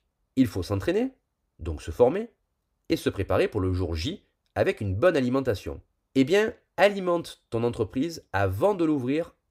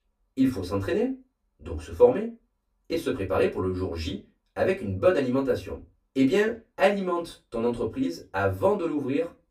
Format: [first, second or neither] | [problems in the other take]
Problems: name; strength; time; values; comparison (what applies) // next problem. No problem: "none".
first | off-mic speech; far // room echo; very slight; dies away in 0.2 s